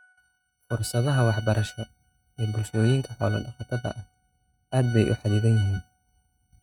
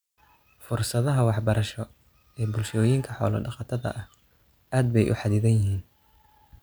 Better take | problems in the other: second | noise reduction (neural mask model RNNoise)

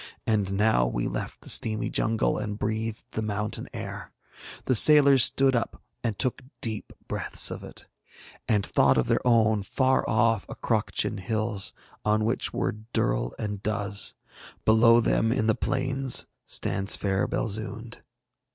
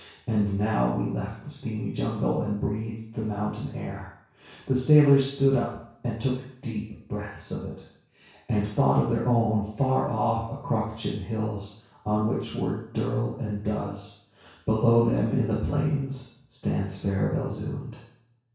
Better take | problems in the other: first | room echo; dies away in 0.6 s

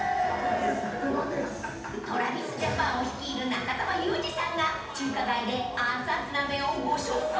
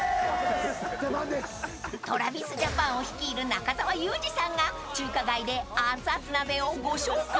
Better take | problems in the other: second | room echo; dies away in 0.8 s

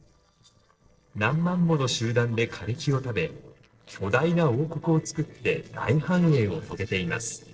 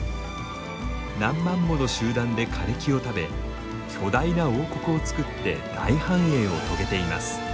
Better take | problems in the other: second | noise reduction (neural separator model SepFormer DNS4)

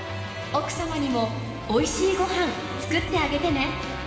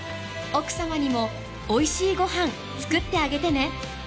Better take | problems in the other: second | background sound (Trumpet); 15 dB below the speech // room echo; dies away in 2.2 s

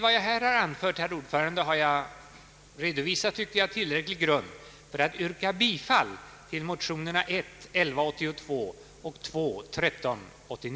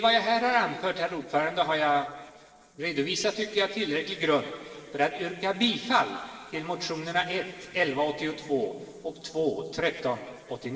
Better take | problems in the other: first | noise reduction (neural separator model SepFormer DNS4)

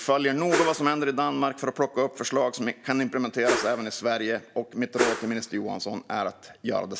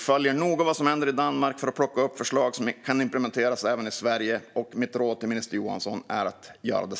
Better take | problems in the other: second | background sound (Whoosh, swoosh, swish); 5 dB below the speech

